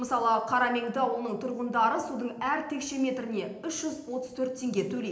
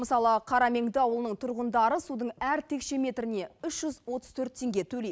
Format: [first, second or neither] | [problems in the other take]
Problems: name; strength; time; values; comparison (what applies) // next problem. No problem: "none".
second | room echo; dies away in 0.8 s